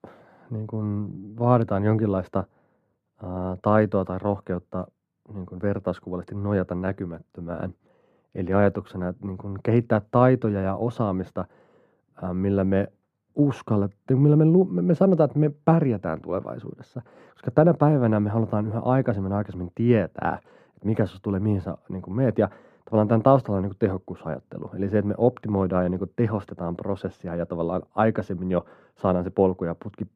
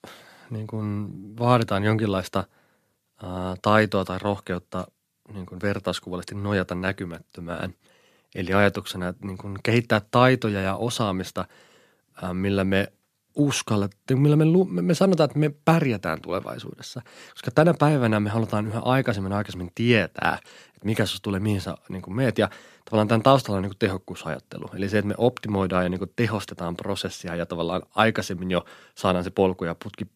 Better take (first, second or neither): second